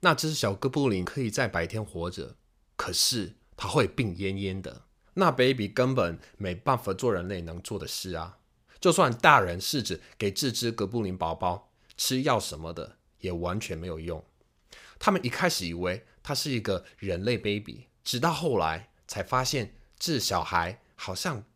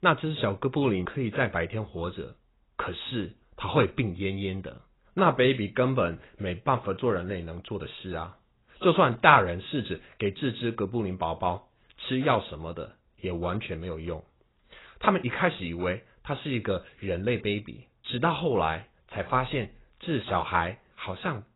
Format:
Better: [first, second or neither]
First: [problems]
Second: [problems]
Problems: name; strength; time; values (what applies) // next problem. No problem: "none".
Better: first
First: none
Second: garbled, watery; badly; nothing above 4 kHz